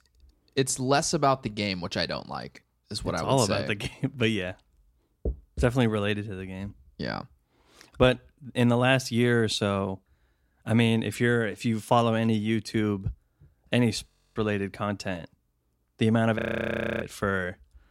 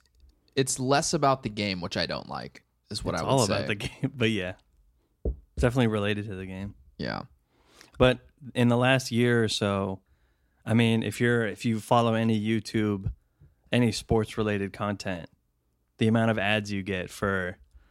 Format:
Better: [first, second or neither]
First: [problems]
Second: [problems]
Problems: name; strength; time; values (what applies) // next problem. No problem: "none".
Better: second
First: audio freezing; at 14 s and at 16 s for 0.5 s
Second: none